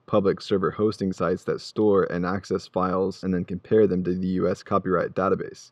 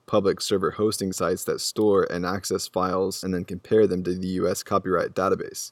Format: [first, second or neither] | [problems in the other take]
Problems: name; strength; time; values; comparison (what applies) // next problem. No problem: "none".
second | muffled; slightly; fading above 3 kHz